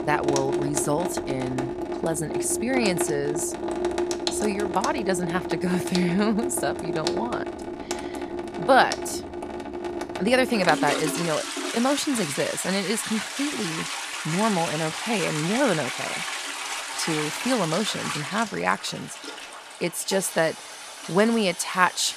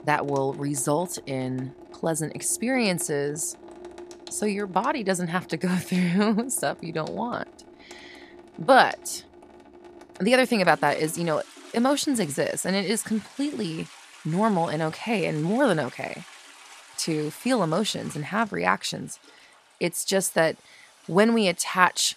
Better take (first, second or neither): second